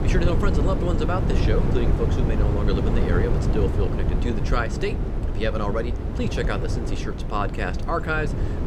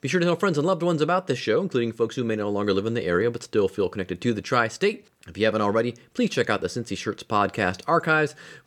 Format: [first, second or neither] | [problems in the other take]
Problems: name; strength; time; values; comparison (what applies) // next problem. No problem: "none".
second | wind noise on the microphone; heavy; 4 dB below the speech